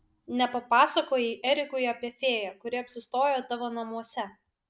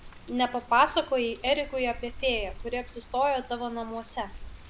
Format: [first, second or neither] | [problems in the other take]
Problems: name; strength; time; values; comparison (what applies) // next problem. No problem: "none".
first | background sound (Water); 14 dB below the speech